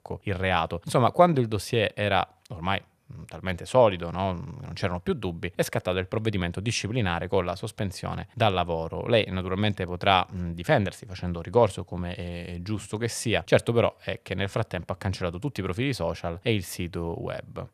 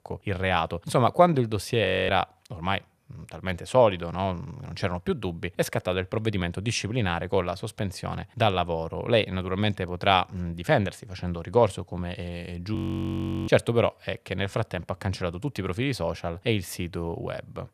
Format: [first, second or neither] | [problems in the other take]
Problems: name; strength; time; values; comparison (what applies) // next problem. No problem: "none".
first | audio freezing; at 2 s and at 13 s for 0.5 s